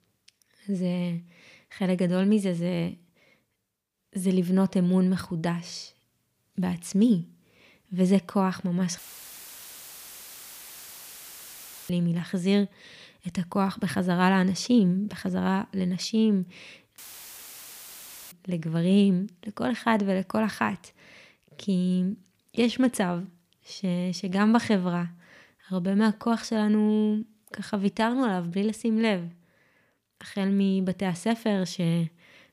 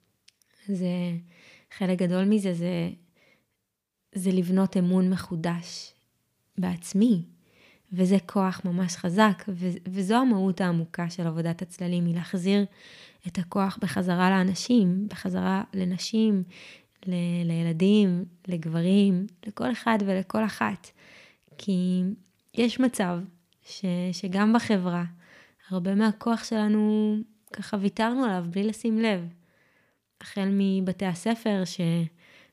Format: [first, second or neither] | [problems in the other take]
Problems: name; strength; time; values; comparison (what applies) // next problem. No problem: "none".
second | audio cutting out; filled with static; at 9 s for 3 s and at 17 s for 1.5 s